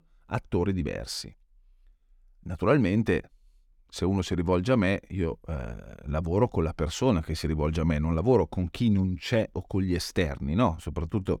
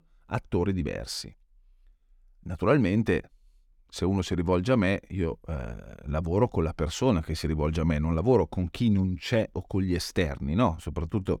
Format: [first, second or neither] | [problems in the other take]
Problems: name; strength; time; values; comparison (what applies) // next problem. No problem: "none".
neither | none